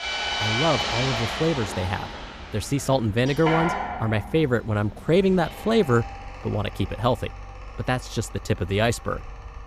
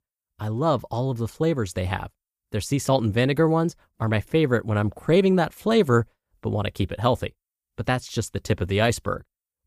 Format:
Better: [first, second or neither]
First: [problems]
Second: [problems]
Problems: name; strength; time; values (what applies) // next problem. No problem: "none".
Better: second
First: machinery noise; loud; throughout; 5 dB below the speech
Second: none